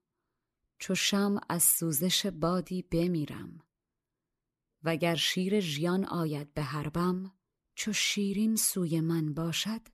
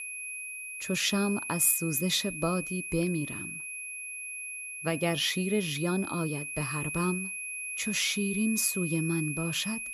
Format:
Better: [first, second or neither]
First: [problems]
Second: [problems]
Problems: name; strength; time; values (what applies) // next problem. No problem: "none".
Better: first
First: none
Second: high-pitched whine; loud; throughout; 2.5 kHz, 6 dB below the speech